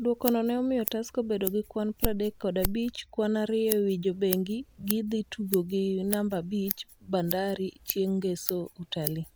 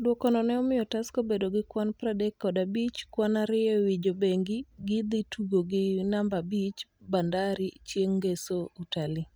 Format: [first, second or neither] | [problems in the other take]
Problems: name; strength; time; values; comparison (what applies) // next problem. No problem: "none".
second | background sound (Scissors); 9 dB below the speech